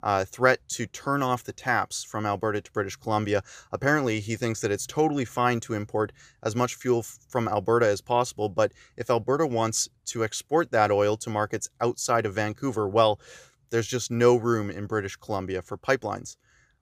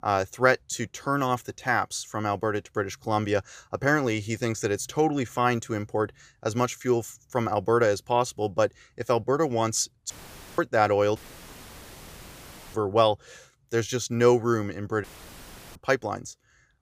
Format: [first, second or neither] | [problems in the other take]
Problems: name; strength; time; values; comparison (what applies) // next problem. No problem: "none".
first | audio cutting out; filled with static; at 10 s, at 11 s for 1.5 s and at 15 s for 0.5 s